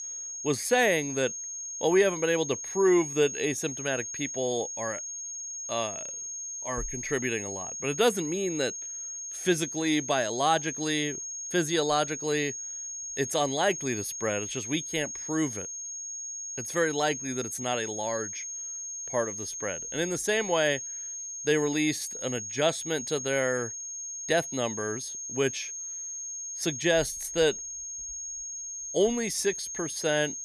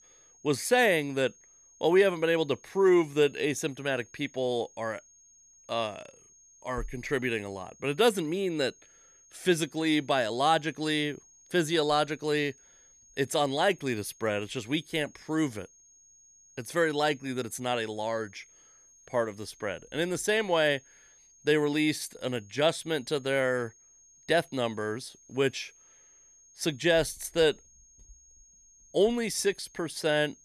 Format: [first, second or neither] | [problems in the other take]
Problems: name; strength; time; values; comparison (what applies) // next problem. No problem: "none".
second | high-pitched whine; loud; throughout; 6.5 kHz, 6 dB below the speech; faint in the second